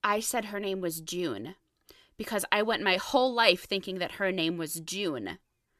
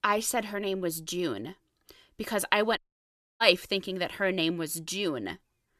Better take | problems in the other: first | audio cutting out; at 3 s for 0.5 s

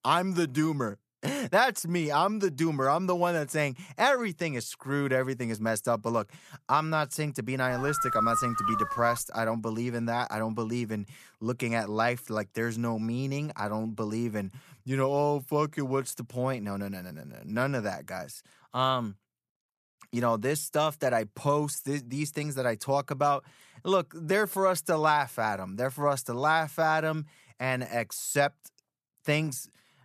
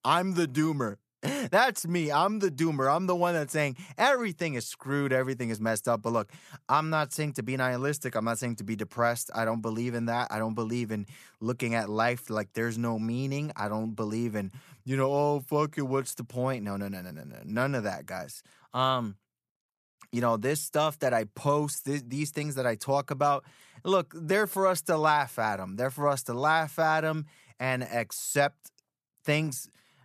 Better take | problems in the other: second | dog barking; loud; from 7.5 to 9 s; peak 2 dB above the speech

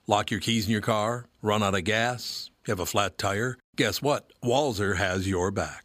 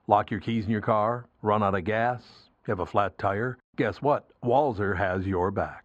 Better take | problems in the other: first | muffled; very; fading above 1.5 kHz

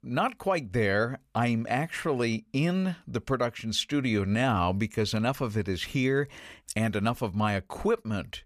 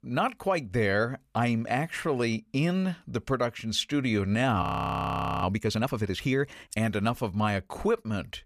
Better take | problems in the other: first | audio freezing; at 4.5 s for 1 s

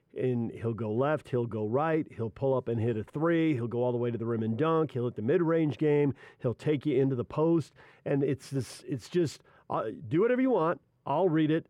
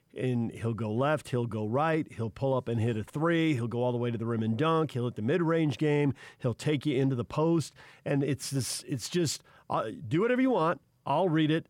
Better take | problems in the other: second | muffled; slightly; fading above 3.5 kHz

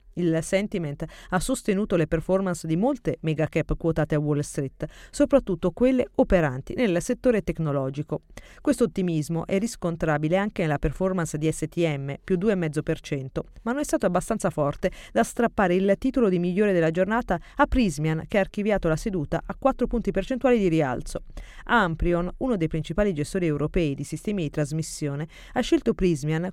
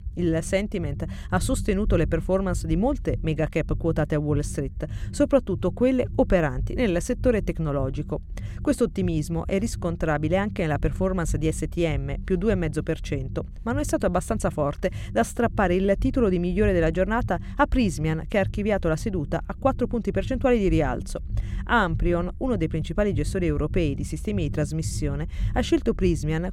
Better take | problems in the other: first | low rumble; faint; throughout; 20 dB below the speech

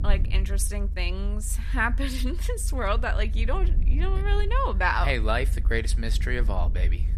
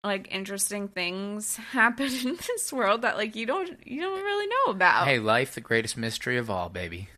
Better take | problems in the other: second | low rumble; noticeable; throughout; 20 dB below the speech

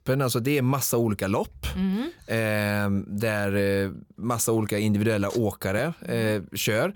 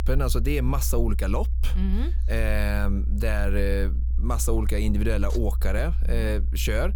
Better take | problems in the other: first | low rumble; noticeable; throughout; 15 dB below the speech

